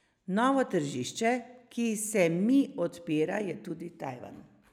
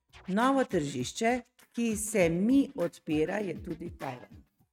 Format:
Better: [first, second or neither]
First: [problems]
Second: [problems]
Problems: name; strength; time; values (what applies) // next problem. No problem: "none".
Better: first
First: none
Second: noise reduction (neural mask model RNNoise)